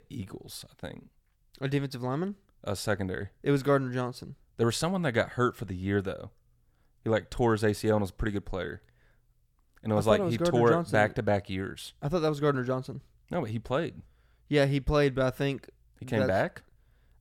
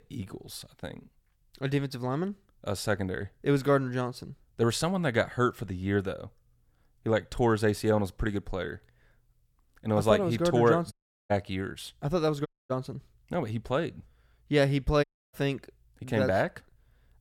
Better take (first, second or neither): first